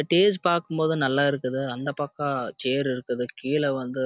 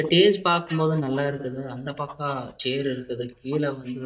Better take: first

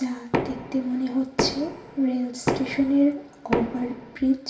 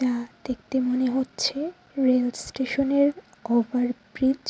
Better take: second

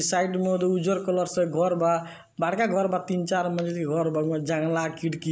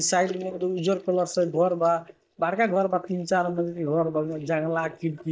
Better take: first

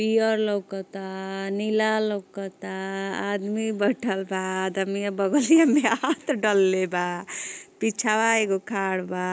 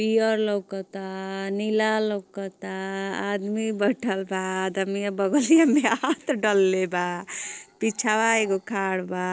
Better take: first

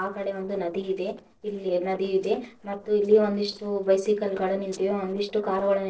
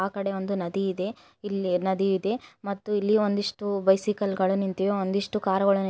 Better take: second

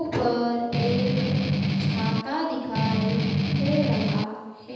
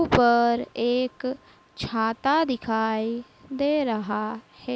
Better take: second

